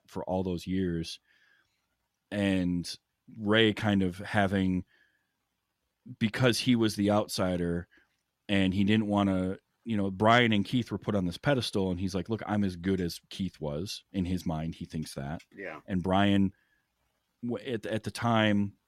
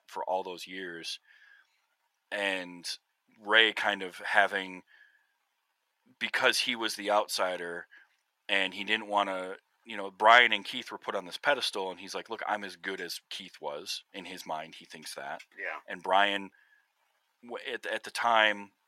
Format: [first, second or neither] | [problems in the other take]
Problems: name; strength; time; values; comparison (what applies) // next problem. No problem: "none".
first | thin; very; fading below 700 Hz